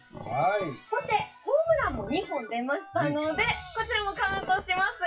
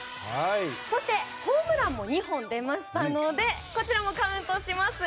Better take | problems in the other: second | noise reduction (classical method WPE with log-MMSE)

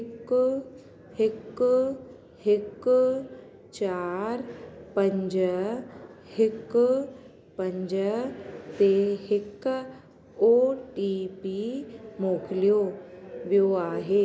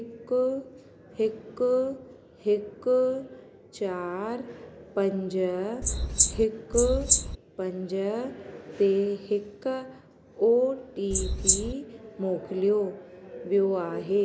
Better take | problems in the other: first | background sound (Wild animals); 4 dB above the speech

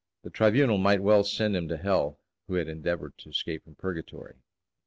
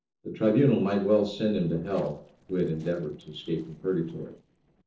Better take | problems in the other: first | noise reduction (neural separator model SepFormer DNS4)

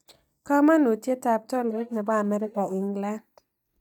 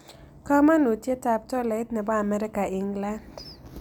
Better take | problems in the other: second | noise reduction (neural mask model DeepFilterNet 3)

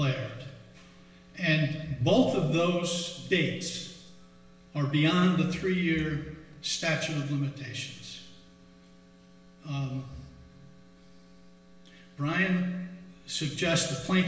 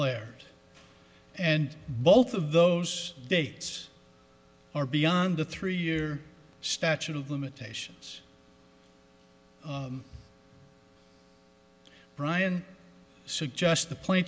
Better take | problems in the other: second | room echo; dies away in 1 s

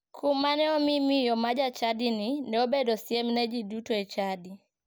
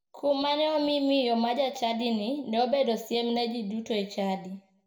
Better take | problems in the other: first | room echo; dies away in 0.5 s

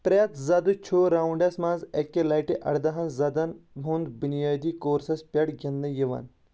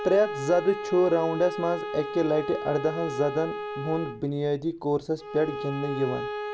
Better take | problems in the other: first | background sound (Bowed string instrument); 8 dB below the speech

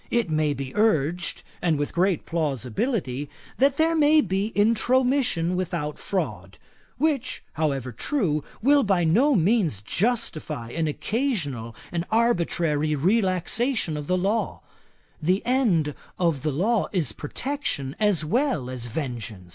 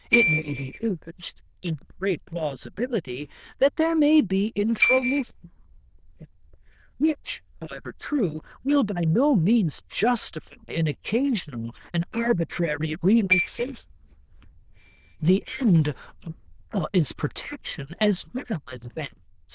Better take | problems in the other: first | noise reduction (neural diffusion model UNIVERSE++)

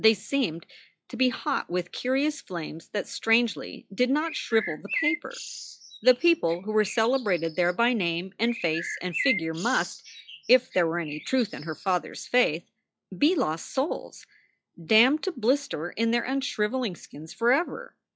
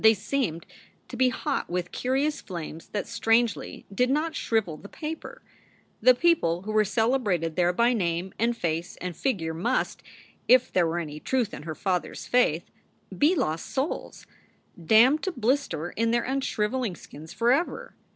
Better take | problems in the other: second | noise reduction (classical method log-MMSE)

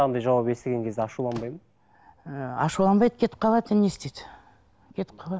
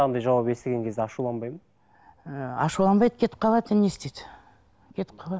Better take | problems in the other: second | background sound (Slam / Microwave oven); 20 dB below the speech

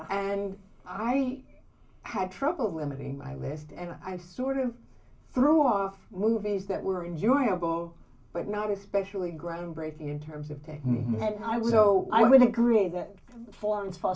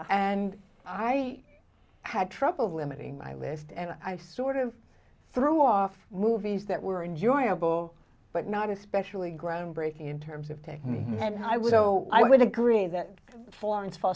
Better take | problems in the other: second | room echo; dies away in 0.2 s

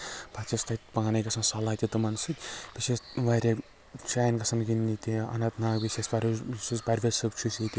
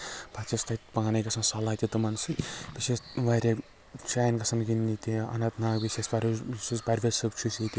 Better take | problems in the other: first | background sound (Fireworks / Boom); 16 dB below the speech

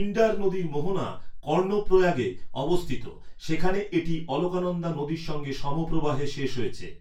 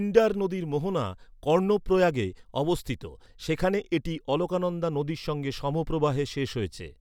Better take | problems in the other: second | room echo; dies away in 0.2 s

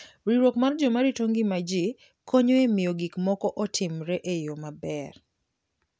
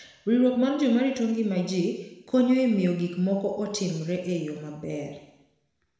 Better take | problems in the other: first | room echo; dies away in 1 s

